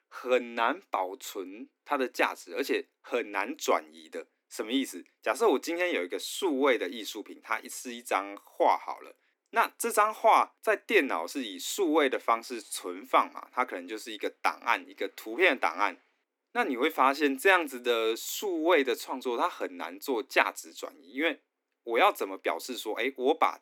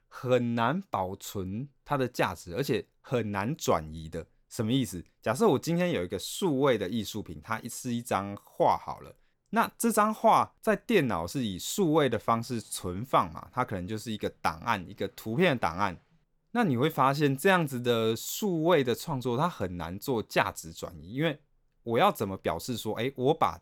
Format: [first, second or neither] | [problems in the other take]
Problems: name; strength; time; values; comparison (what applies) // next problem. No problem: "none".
second | thin; somewhat; fading below 250 Hz